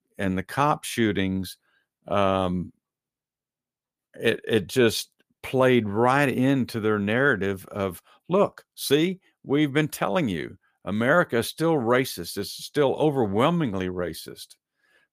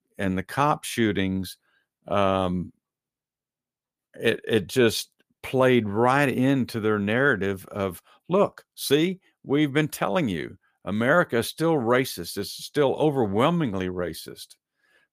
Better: neither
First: none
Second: none

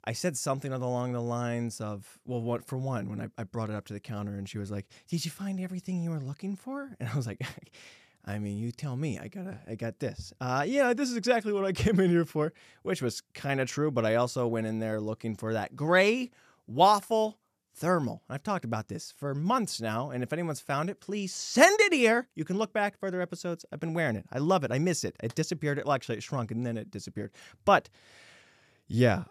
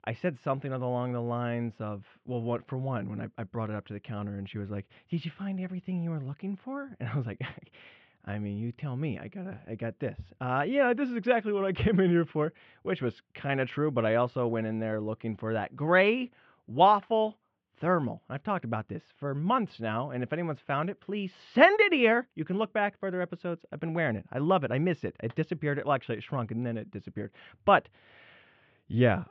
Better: first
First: none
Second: muffled; very; fading above 3 kHz

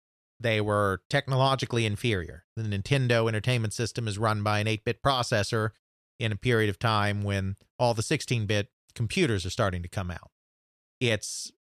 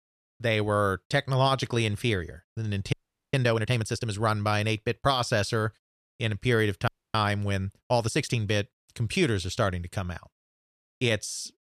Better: first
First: none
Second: audio freezing; at 3 s and at 7 s

